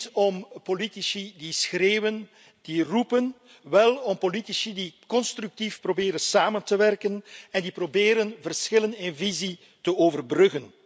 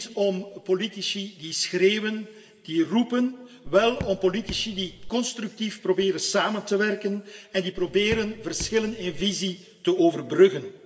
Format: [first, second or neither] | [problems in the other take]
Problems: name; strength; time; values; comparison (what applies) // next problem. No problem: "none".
first | background sound (Raindrop / Drip); 13 dB below the speech // room echo; dies away in 1.3 s